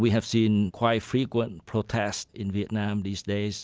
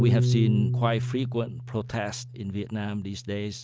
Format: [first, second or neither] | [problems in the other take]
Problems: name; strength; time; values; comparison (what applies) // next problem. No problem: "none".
first | background sound (Piano); 1 dB above the speech